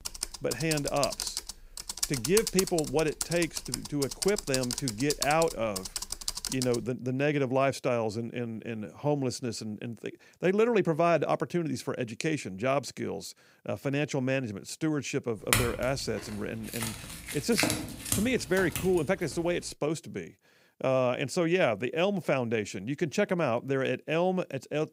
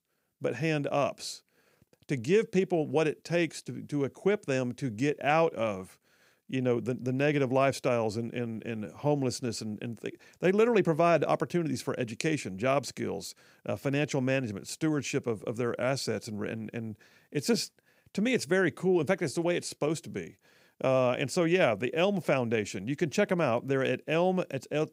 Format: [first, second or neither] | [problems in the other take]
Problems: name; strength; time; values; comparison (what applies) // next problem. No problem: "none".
second | keyboard typing; loud; until 7 s; peak 1 dB above the speech // clattering dishes; loud; from 16 to 19 s; peak 3 dB above the speech